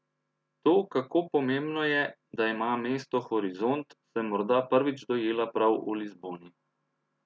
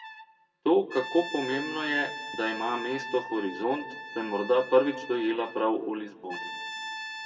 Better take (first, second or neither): first